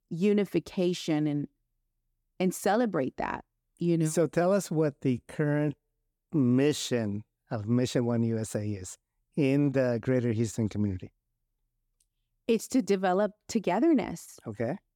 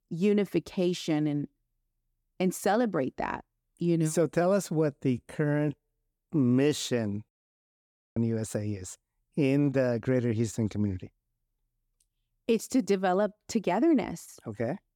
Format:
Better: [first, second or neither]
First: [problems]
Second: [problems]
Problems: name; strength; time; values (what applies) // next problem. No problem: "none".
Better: first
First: none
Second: audio cutting out; at 7.5 s for 1 s